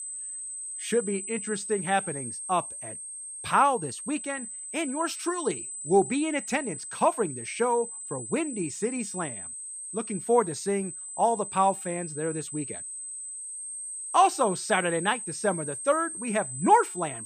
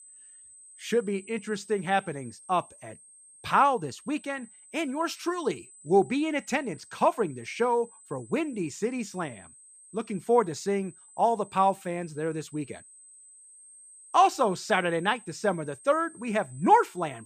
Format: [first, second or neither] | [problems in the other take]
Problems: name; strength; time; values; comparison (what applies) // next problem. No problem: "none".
second | high-pitched whine; loud; throughout; 8 kHz, 7 dB below the speech; faint in the second